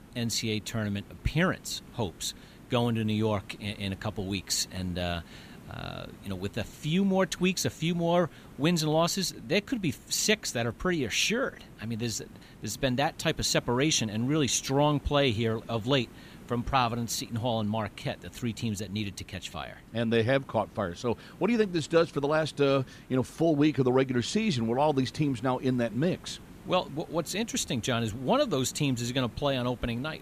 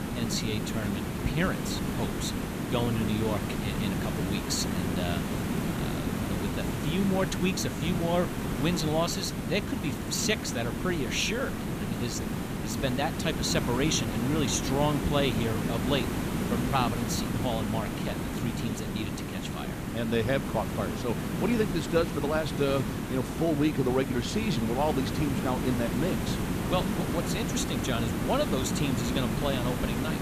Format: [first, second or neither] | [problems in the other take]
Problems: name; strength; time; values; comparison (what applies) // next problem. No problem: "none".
first | hiss; loud; throughout; 1 dB below the speech; faint in the first